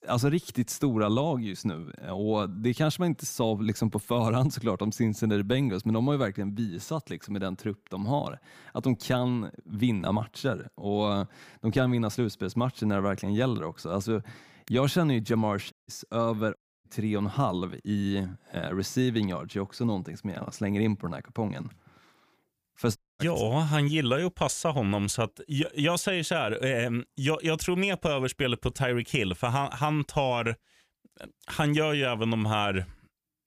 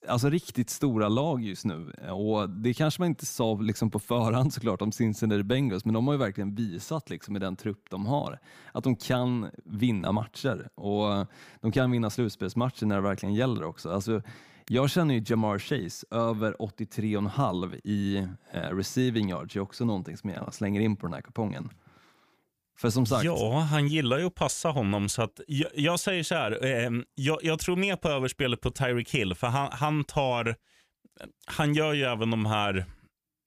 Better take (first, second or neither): second